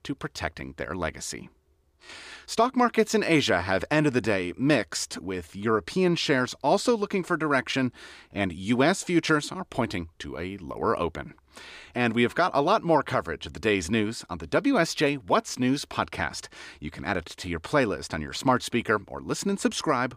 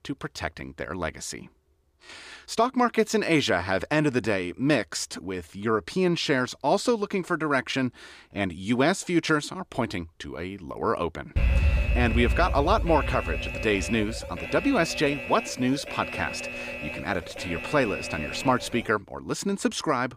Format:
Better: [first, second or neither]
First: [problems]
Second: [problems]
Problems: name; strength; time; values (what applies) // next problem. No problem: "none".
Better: first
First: none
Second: alarm; loud; from 11 to 19 s; peak 3 dB above the speech